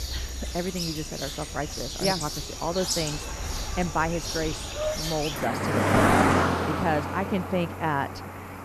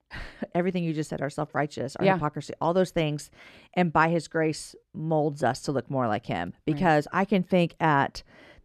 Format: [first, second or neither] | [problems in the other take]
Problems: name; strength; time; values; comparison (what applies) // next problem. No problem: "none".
second | animal sounds; very loud; throughout; 2 dB above the speech